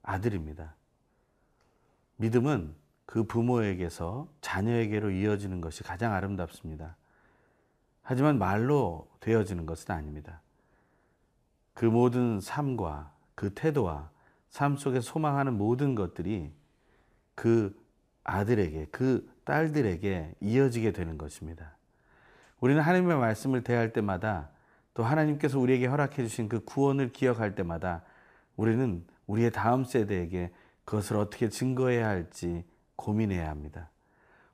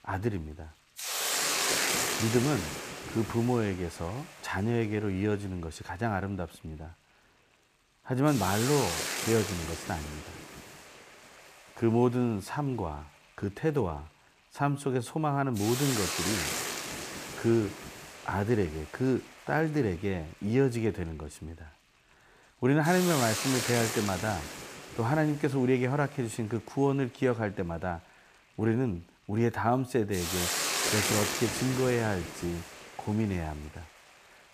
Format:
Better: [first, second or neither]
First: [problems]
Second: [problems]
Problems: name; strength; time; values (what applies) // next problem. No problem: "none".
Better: first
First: none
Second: hiss; loud; throughout; 2 dB below the speech